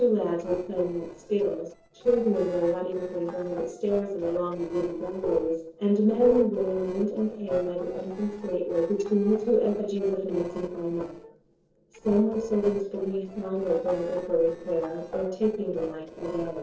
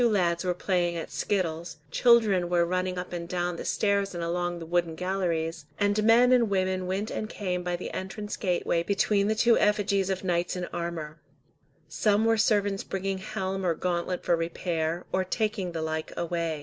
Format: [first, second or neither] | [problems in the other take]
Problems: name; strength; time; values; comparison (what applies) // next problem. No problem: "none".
second | noise reduction (neural separator model SepFormer DNS4)